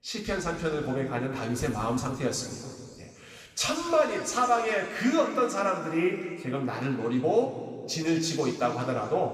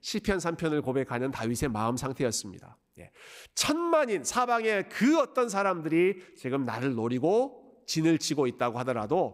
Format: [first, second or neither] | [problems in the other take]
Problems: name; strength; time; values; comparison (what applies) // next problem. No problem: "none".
second | room echo; noticeable; dies away in 2.1 s // off-mic speech; somewhat distant